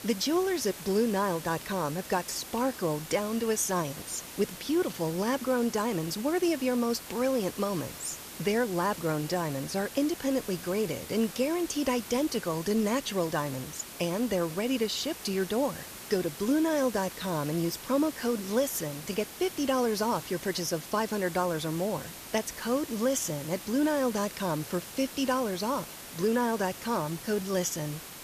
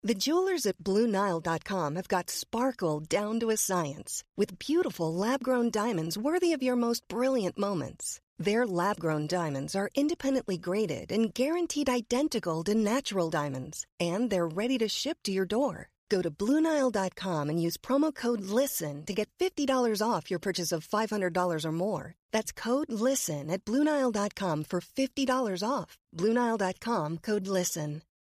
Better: second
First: hiss; noticeable; throughout; 10 dB below the speech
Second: none

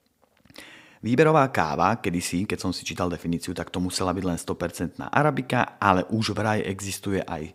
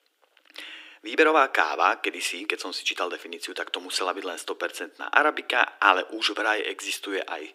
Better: first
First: none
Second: thin; very; fading below 300 Hz

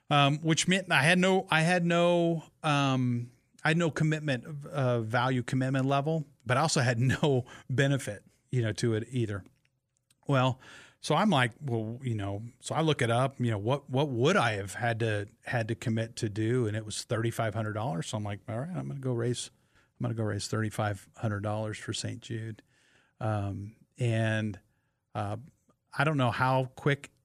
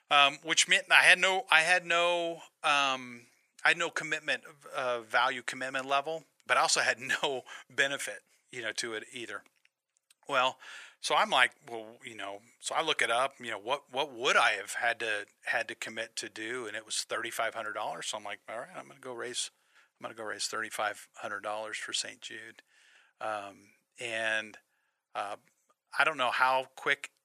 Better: first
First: none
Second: thin; very; fading below 750 Hz

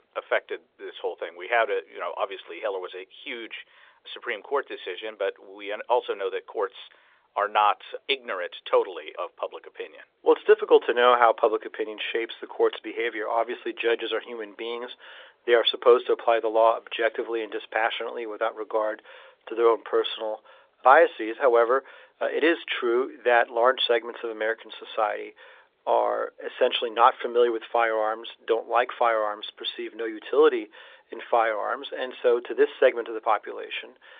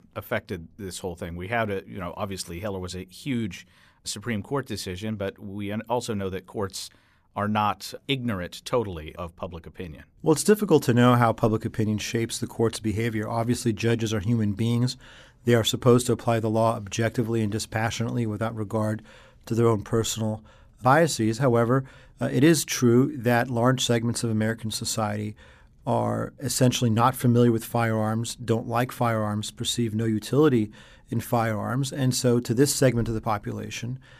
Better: second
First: phone-call audio; nothing above 3.5 kHz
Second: none

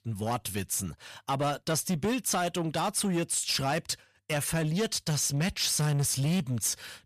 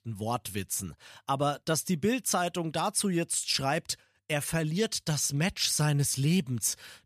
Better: second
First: distortion; slight; 10 dB below the speech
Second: none

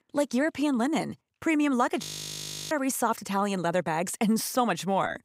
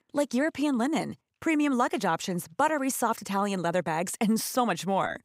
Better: second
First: audio freezing; at 2 s for 0.5 s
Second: none

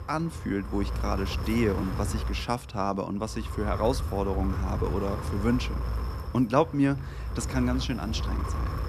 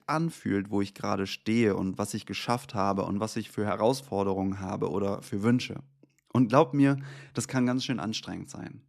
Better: second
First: wind noise on the microphone; heavy; 9 dB below the speech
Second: none

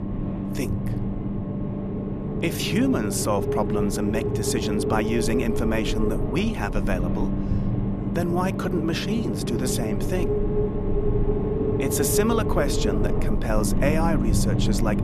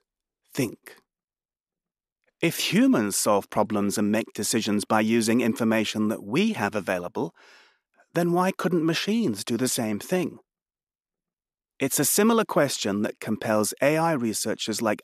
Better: second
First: low rumble; loud; throughout; 2 dB below the speech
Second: none

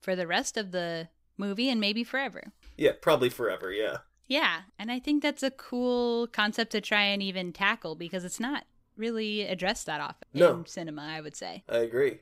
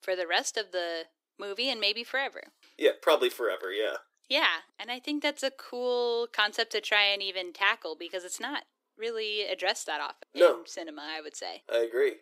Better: first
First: none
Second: thin; somewhat; fading below 350 Hz

